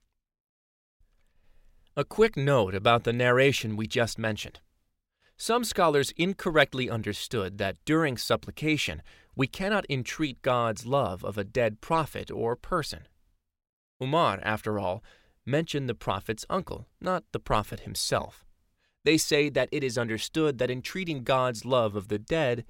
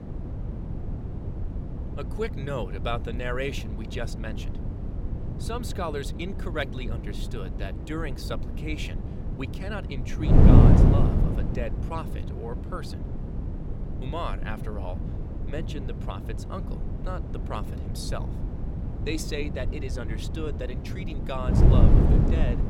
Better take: first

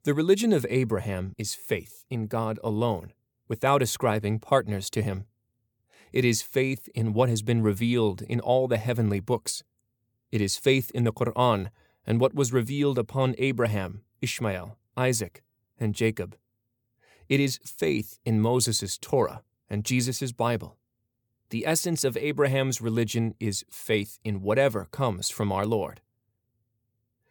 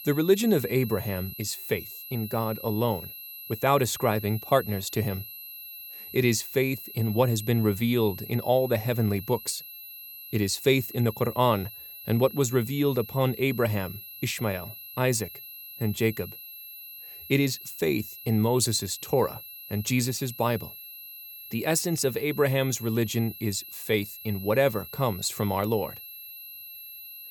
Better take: first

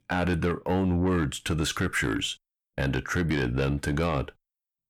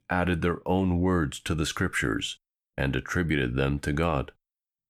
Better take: second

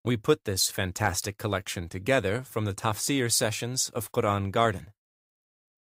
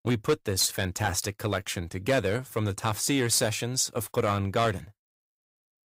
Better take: first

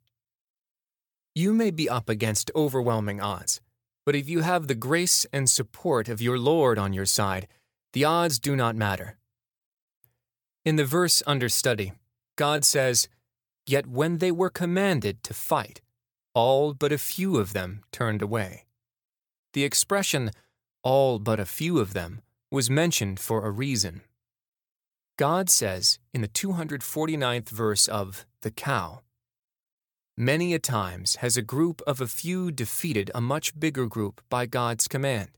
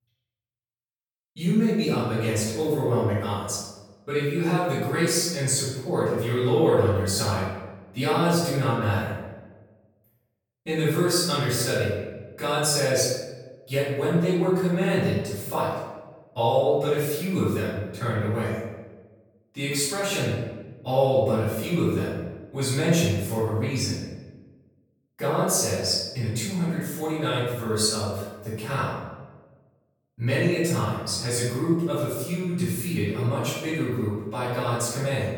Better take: first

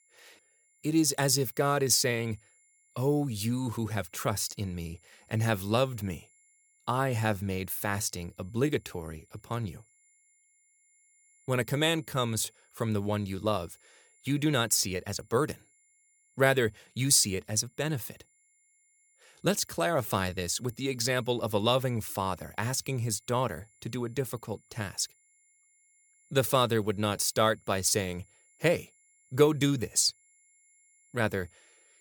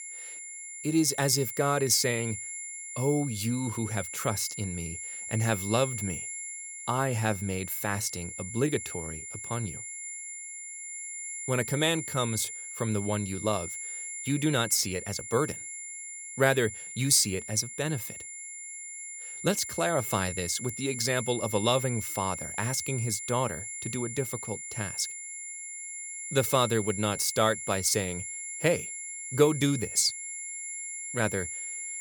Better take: first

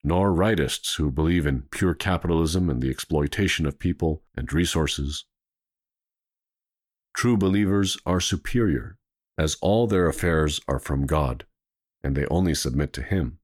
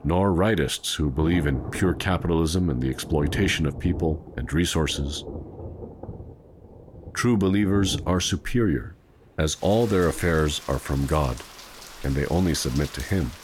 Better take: first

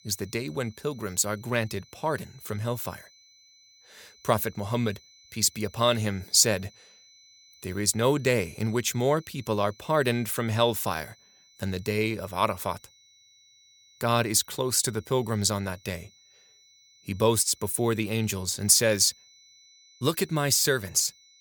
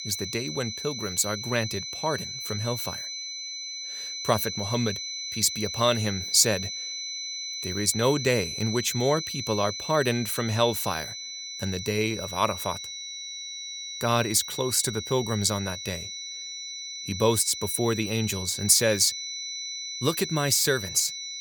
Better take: first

